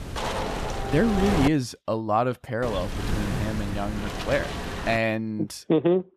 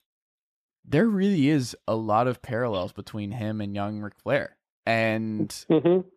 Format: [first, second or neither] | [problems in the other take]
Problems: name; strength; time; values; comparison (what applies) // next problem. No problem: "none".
second | wind noise on the microphone; heavy; until 1.5 s and from 2.5 to 5 s; 4 dB below the speech